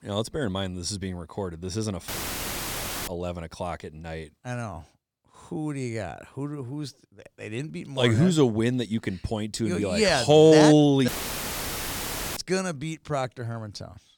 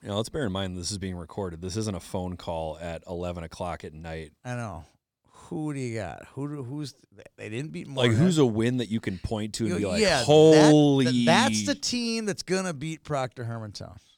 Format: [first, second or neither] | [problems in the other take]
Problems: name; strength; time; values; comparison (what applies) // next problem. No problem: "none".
second | audio cutting out; filled with static; at 2 s for 1 s and at 11 s for 1.5 s